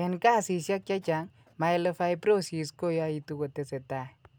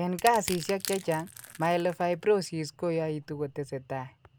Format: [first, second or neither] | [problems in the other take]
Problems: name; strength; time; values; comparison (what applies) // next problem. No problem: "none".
first | background sound (Crushing); 14 dB below the speech